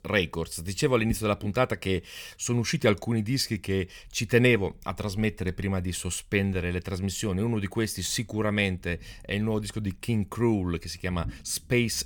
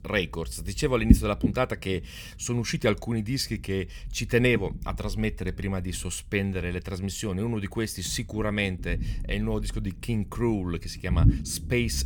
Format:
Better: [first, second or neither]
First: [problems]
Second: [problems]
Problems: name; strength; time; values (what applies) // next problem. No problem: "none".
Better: first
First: low rumble; faint; throughout; 25 dB below the speech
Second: low rumble; loud; throughout; 6 dB below the speech